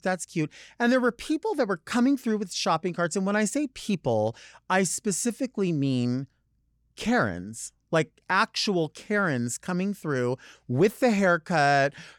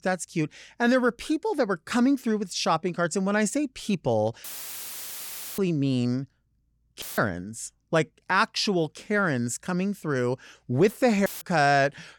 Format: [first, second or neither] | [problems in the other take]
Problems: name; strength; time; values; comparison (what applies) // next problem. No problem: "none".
first | audio cutting out; filled with static; at 4.5 s for 1 s, at 7 s and at 11 s